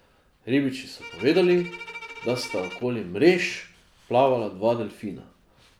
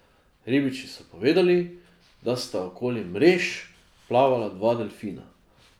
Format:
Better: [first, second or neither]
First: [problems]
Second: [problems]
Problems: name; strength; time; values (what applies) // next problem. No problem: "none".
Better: second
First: background sound (Bowed string instrument); 15 dB below the speech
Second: none